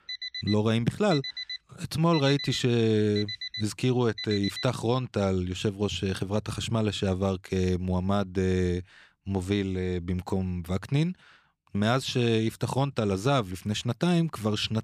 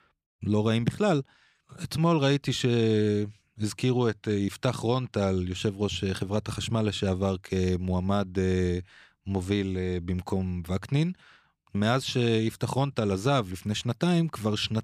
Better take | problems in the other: second | alarm; noticeable; until 4.5 s; peak 6 dB below the speech

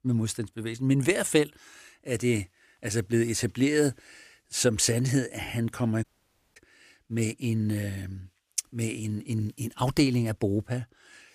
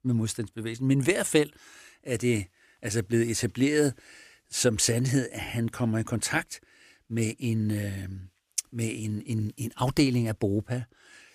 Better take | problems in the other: second | audio cutting out; at 6 s for 0.5 s

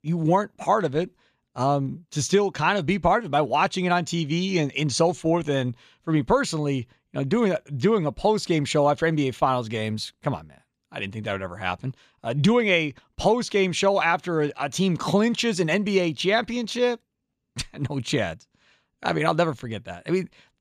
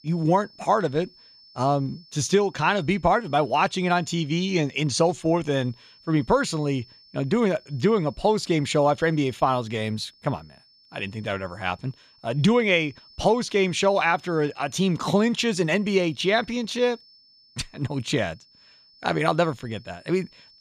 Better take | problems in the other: first | high-pitched whine; faint; throughout; 5.5 kHz, 25 dB below the speech

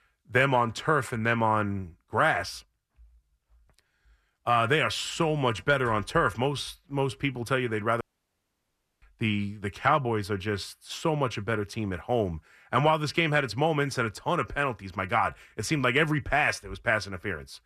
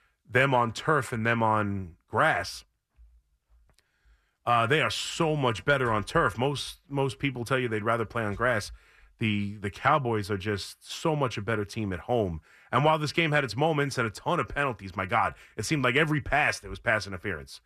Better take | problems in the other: second | audio cutting out; at 8 s for 1 s

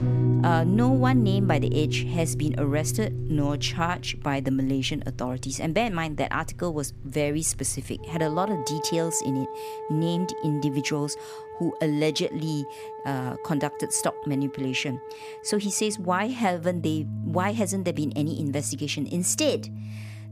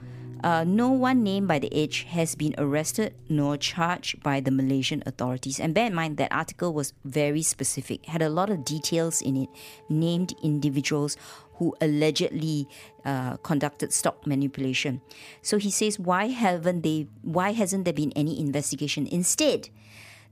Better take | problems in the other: second | background music; loud; throughout; 5 dB below the speech; faint in the second

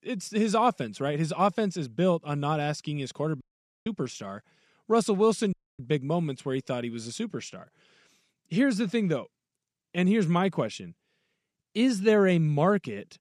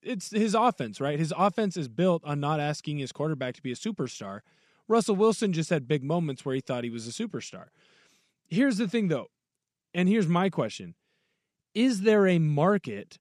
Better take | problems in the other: second | audio cutting out; at 3.5 s and at 5.5 s

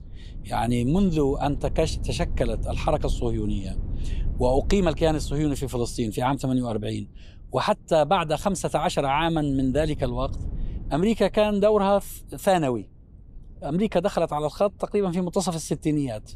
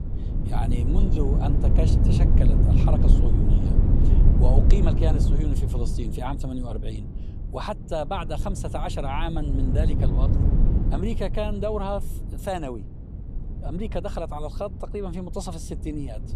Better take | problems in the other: first | low rumble; loud; throughout; 4 dB below the speech; faint in the first

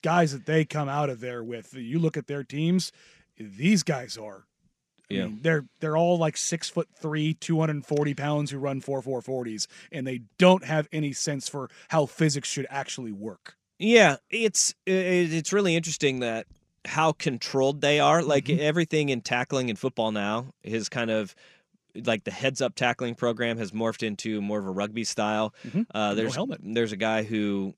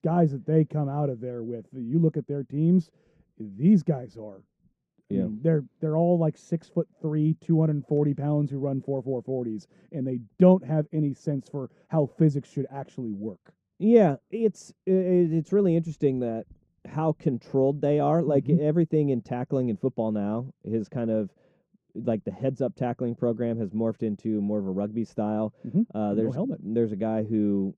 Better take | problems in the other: first | muffled; very; fading above 1 kHz

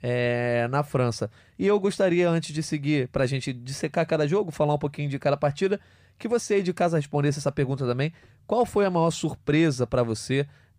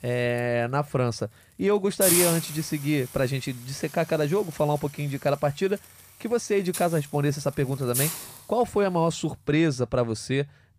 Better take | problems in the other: first | hiss; loud; throughout; 1 dB below the speech

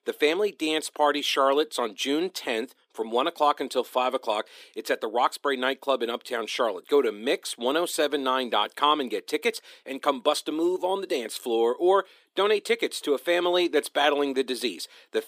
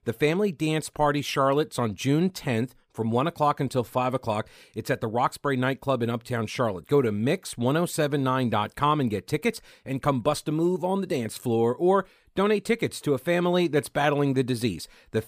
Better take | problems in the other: second | thin; somewhat; fading below 300 Hz

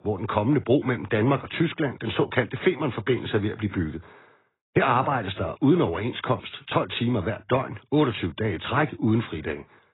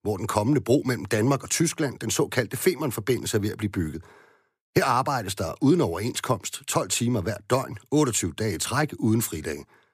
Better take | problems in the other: second | garbled, watery; badly; nothing above 4 kHz

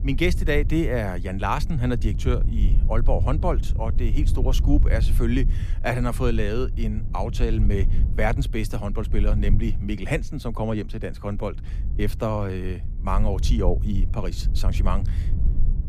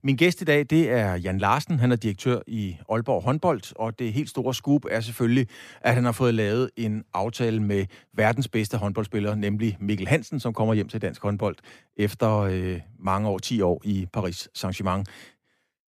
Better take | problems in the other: second | low rumble; noticeable; throughout; 15 dB below the speech

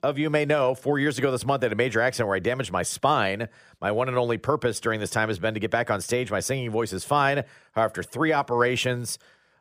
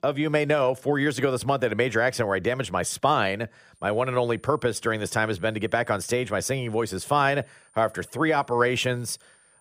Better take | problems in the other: first | high-pitched whine; faint; from 4 s on; 9 kHz, 35 dB below the speech

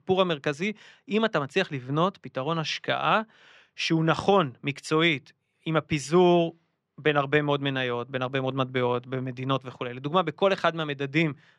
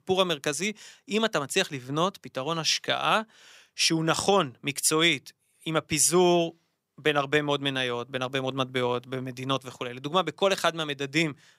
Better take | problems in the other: second | muffled; slightly; fading above 2.5 kHz

